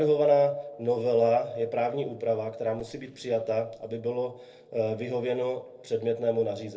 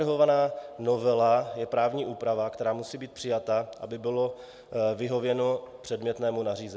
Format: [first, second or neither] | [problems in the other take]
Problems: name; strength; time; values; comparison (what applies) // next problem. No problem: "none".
second | noise reduction (neural separator model SepFormer DNS4)